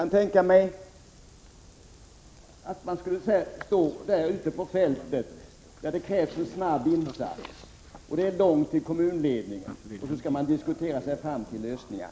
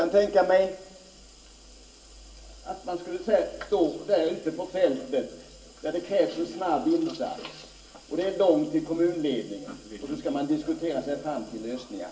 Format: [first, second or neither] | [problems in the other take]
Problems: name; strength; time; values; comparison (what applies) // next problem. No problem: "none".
first | room echo; dies away in 0.2 s